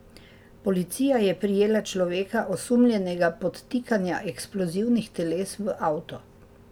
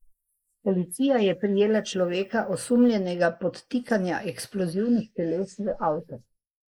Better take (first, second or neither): first